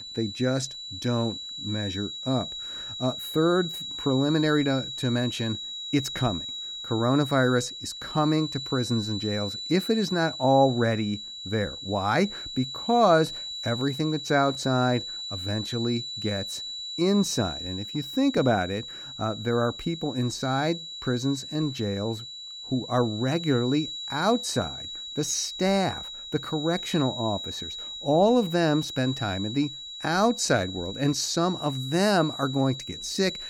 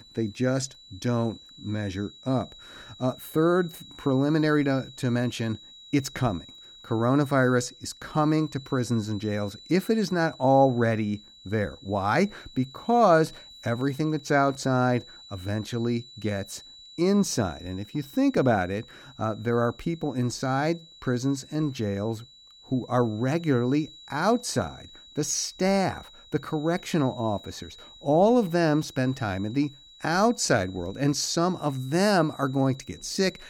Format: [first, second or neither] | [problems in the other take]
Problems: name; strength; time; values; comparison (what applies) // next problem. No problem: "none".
second | high-pitched whine; loud; throughout; 4 kHz, 7 dB below the speech; faint in the second